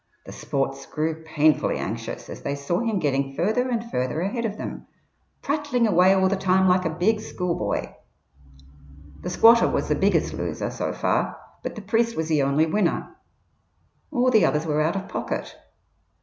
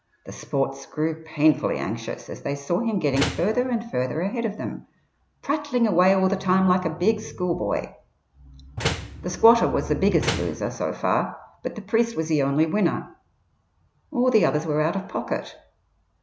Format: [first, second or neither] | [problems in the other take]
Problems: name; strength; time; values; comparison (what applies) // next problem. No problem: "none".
first | background sound (Slam); 7 dB below the speech